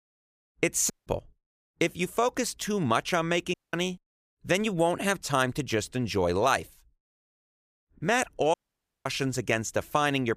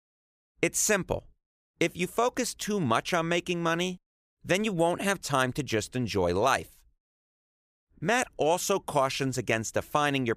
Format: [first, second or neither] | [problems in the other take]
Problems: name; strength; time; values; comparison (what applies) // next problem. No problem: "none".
second | audio cutting out; at 1 s, at 3.5 s and at 8.5 s for 0.5 s